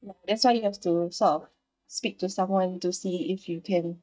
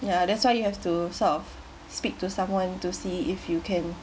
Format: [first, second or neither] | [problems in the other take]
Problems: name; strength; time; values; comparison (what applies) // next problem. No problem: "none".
second | noise reduction (neural mask model DeepFilterNet 3)